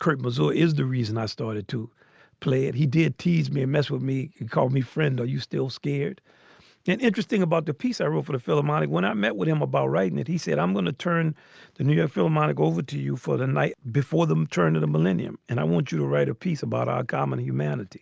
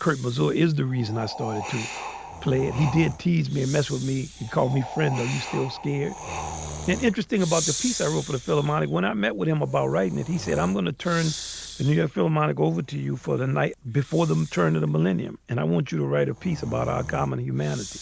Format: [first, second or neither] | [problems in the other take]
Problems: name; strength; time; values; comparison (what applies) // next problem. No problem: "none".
first | background sound (Breathing + Wind); 12 dB below the speech